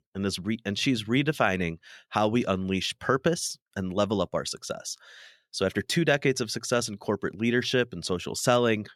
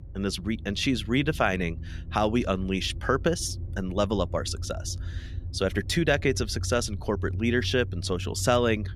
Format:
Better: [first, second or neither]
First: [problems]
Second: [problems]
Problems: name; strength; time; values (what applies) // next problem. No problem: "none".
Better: first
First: none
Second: low rumble; faint; throughout; 25 dB below the speech